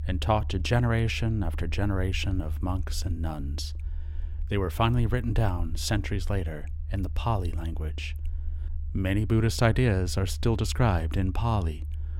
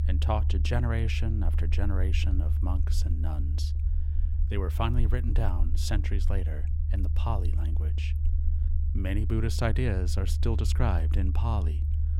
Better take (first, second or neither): first